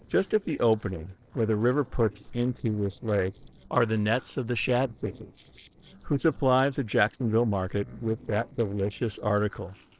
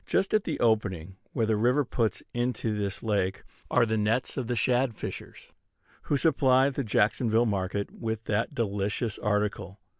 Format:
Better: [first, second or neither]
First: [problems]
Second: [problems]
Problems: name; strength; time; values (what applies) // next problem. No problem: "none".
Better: second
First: noise reduction (neural separator model SepFormer DNS4)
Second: none